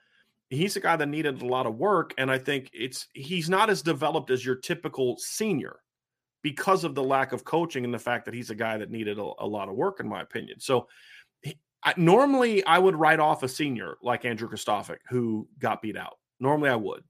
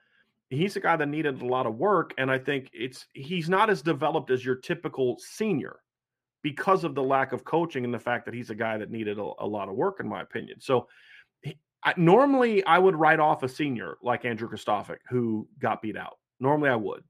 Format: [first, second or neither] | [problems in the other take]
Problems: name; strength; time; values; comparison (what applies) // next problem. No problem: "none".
first | muffled; slightly; fading above 3.5 kHz